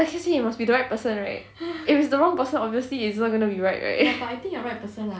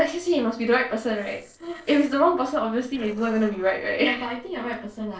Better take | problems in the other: first | noise reduction (neural separator model SepFormer DNS4)

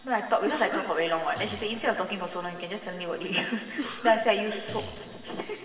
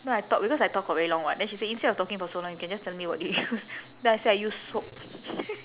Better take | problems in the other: second | background sound (Cough); 10 dB below the speech // room echo; dies away in 2.1 s

